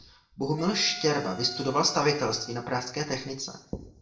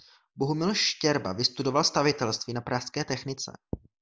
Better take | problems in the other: second | background sound (Wind instrument, woodwind instrument); 18 dB below the speech // room echo; dies away in 0.6 s

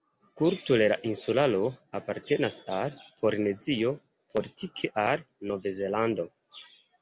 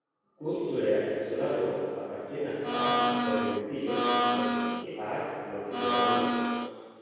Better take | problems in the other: first | background sound (Domestic sounds, home sounds); 4 dB above the speech // room echo; dies away in 2.2 s

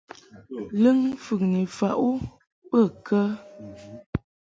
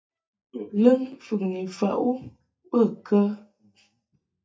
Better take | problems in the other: first | noise reduction (neural mask model DeepFilterNet 3)

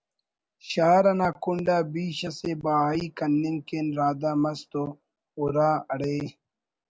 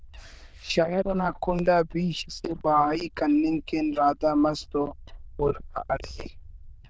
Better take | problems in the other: first | noise reduction (neural diffusion model UNIVERSE++)

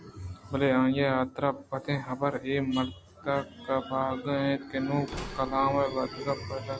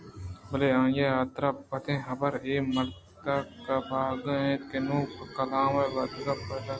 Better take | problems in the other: second | background sound (Slam / Wood); 16 dB below the speech

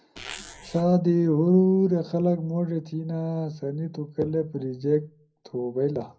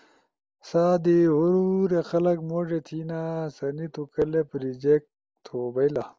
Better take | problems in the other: second | background sound (Zipper (clothing)); 16 dB below the speech // room echo; dies away in 0.5 s

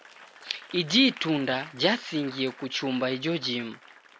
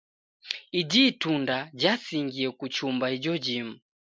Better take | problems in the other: second | background sound (Applause / Crowd); 19 dB below the speech

